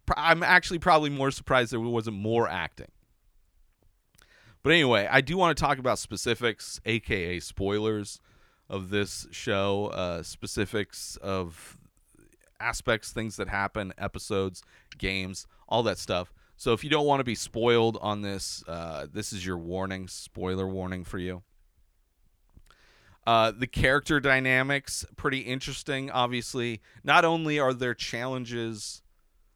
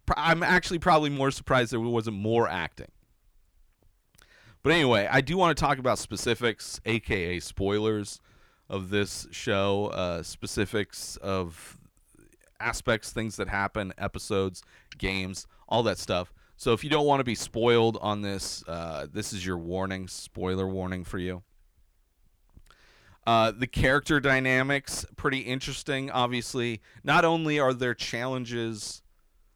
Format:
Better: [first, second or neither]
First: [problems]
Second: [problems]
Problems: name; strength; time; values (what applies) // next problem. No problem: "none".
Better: first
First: none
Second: distortion; slight; 10 dB below the speech